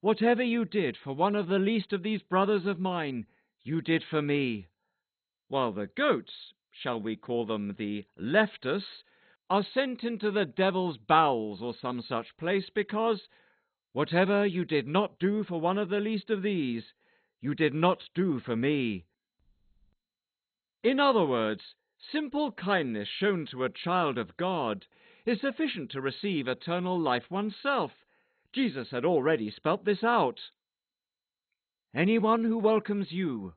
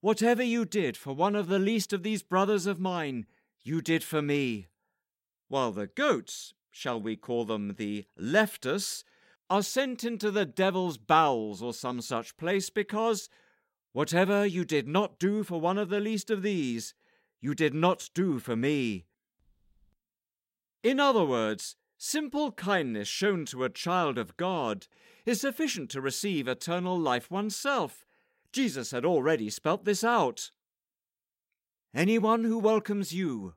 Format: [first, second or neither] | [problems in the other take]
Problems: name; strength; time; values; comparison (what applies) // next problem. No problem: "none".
second | garbled, watery; badly; nothing above 4 kHz